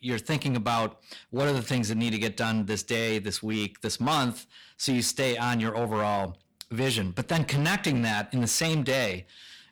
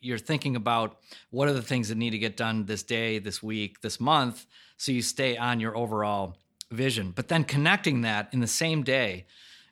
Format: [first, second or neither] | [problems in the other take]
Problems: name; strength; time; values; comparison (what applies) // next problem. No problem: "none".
second | distortion; heavy; 13% of the sound clipped